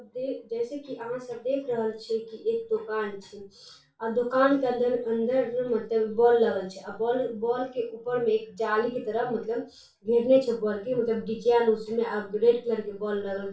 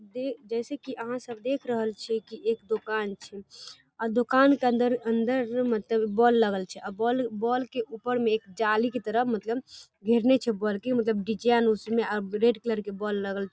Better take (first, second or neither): second